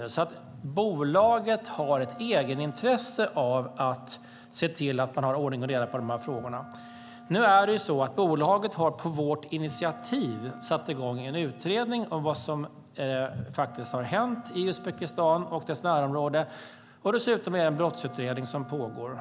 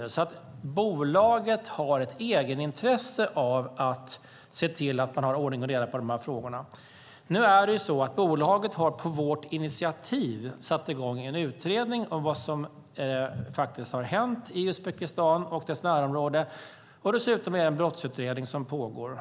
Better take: second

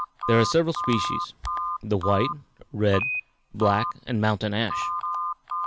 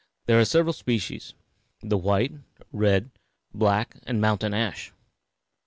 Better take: second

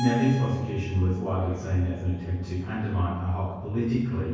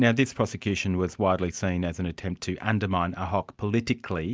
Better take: second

